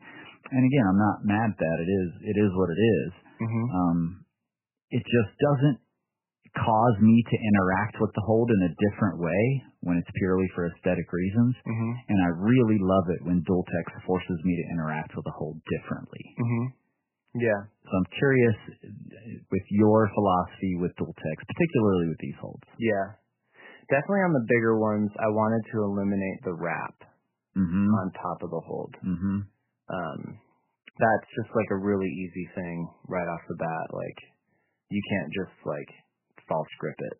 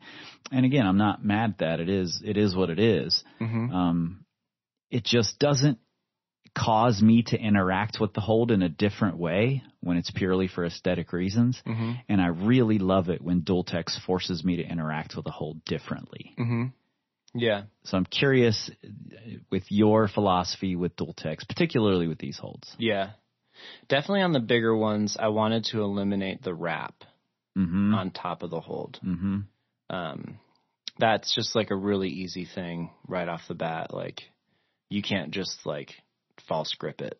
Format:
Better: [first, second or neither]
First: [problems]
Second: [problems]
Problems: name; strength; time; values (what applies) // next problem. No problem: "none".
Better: second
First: garbled, watery; badly; nothing above 3 kHz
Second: garbled, watery; slightly; nothing above 6 kHz